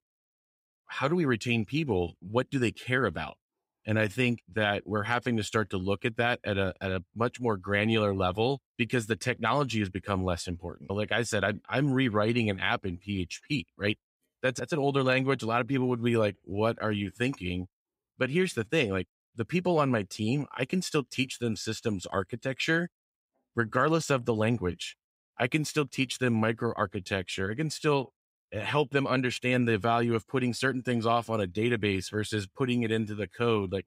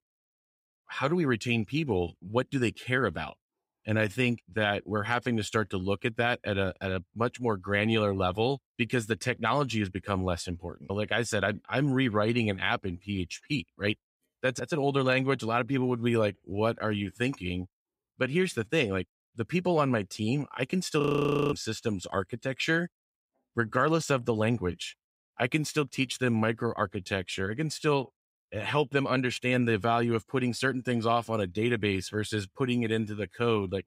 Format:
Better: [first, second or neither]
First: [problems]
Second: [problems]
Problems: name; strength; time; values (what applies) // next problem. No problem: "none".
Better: first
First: none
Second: audio freezing; at 21 s for 0.5 s